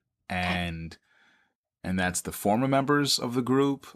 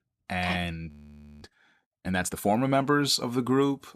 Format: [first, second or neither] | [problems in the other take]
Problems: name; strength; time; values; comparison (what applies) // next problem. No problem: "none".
first | audio freezing; at 1 s for 0.5 s